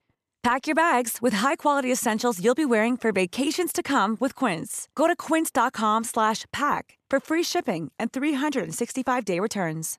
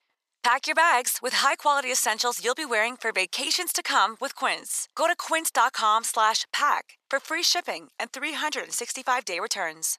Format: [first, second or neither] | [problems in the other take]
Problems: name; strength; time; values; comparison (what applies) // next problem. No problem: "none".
first | thin; very; fading below 800 Hz